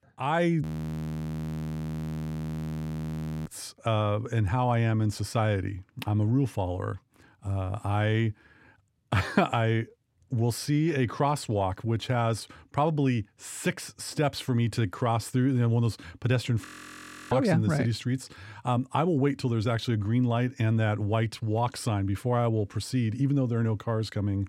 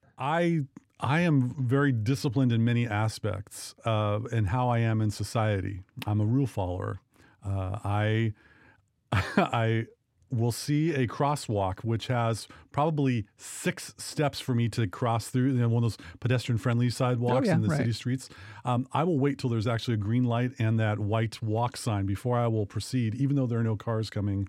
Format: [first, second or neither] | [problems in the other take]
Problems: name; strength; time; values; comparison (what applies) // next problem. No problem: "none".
second | audio freezing; at 0.5 s for 3 s and at 17 s for 0.5 s